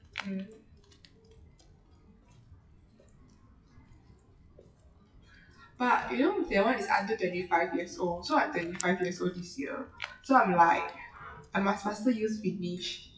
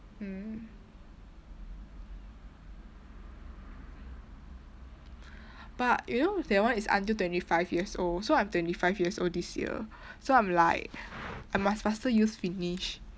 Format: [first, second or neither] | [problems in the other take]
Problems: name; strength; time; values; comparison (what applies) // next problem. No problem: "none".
second | noise reduction (classical method WPE with log-MMSE)